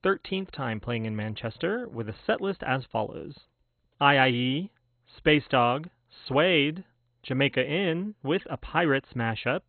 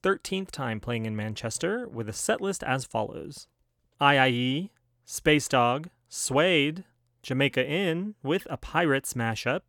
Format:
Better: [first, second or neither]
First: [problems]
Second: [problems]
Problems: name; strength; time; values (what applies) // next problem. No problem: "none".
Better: second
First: garbled, watery; badly; nothing above 4 kHz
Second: none